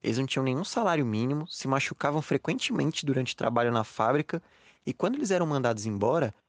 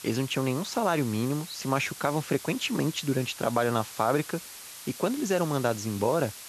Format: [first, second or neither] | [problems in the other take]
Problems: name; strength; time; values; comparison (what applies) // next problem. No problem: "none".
first | hiss; noticeable; throughout; 15 dB below the speech